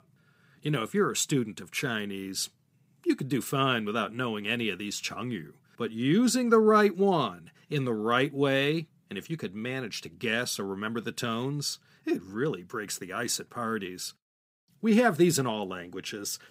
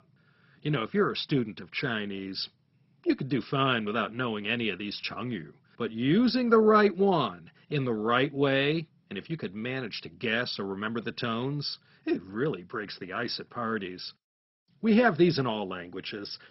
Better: first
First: none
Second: garbled, watery; badly; nothing above 5.5 kHz

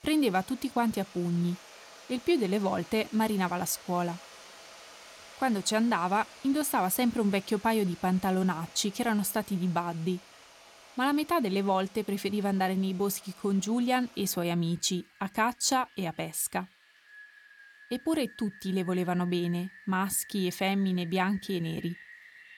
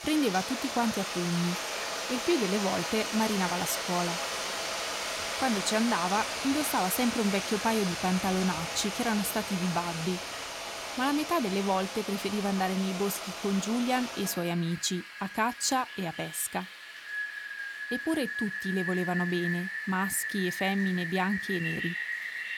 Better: first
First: rain or running water; faint; throughout; 20 dB below the speech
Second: rain or running water; loud; throughout; 4 dB below the speech

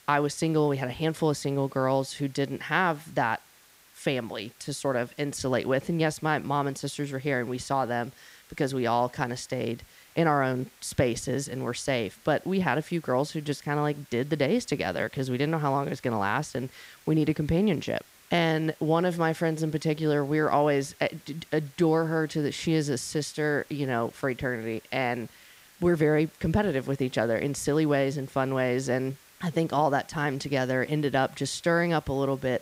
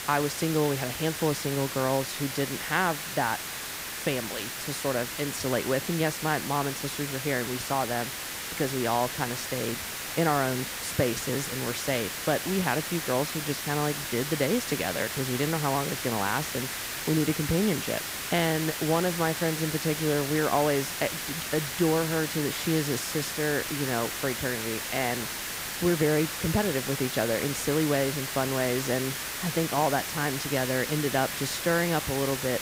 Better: first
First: hiss; faint; throughout; 25 dB below the speech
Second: hiss; loud; throughout; 3 dB below the speech

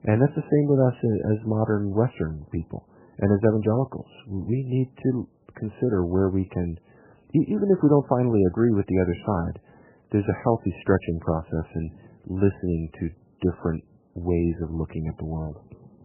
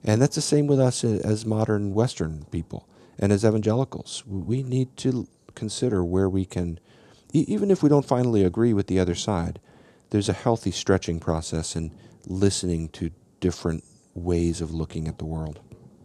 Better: second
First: garbled, watery; badly; nothing above 3 kHz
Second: none

